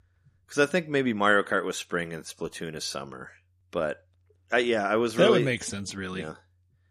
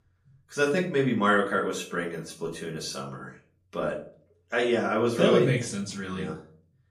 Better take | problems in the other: first | room echo; slight; dies away in 0.4 s // off-mic speech; far

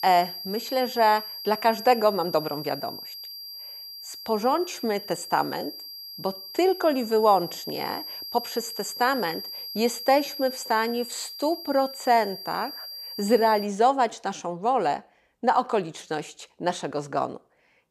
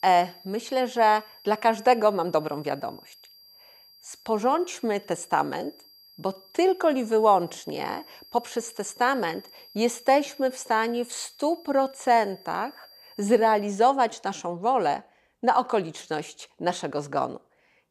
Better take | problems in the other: second | high-pitched whine; loud; until 14 s; 5 kHz, 10 dB below the speech; faint in the second

